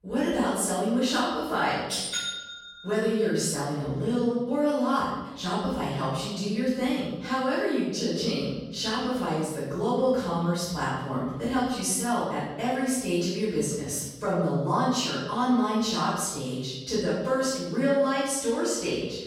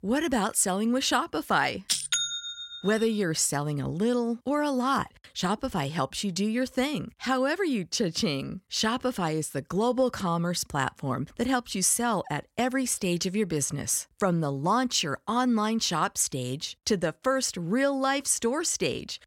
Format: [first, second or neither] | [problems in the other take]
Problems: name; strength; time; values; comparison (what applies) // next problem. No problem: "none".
second | off-mic speech; far // room echo; strong; dies away in 1 s